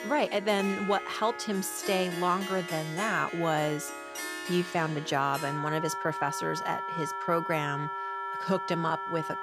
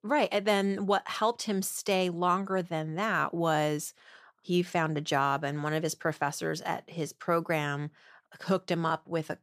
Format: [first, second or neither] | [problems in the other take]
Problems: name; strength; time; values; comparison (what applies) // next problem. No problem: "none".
second | background music; loud; throughout; 5 dB below the speech